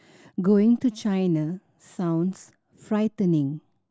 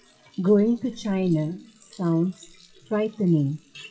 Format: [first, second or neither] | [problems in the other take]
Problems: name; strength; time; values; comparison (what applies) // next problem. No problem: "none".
first | noise reduction (classical method WPE with log-MMSE)